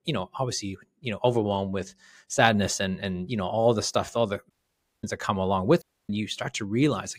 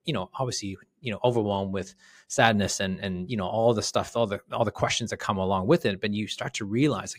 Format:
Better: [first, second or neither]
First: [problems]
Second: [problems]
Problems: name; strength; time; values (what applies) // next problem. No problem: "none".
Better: second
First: audio cutting out; at 4.5 s for 0.5 s and at 6 s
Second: none